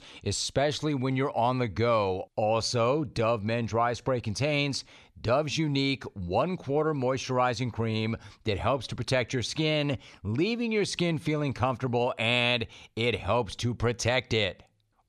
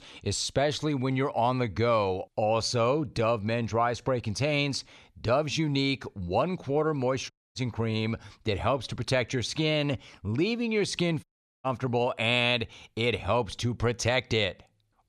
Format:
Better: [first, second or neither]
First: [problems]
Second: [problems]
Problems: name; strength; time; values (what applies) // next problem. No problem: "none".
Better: first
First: none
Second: audio cutting out; at 7.5 s and at 11 s